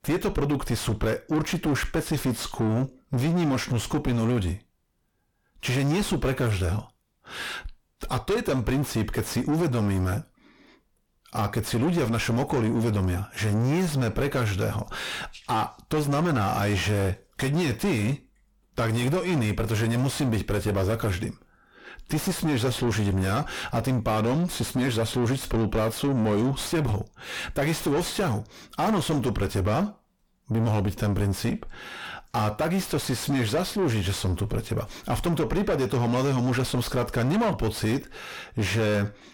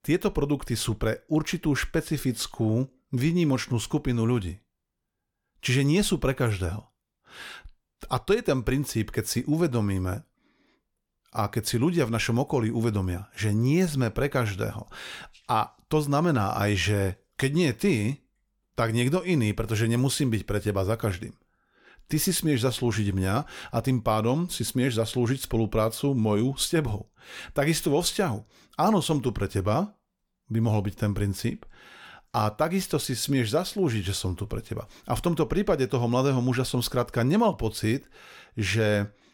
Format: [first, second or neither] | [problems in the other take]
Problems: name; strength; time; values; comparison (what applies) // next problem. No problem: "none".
second | distortion; heavy; 5 dB below the speech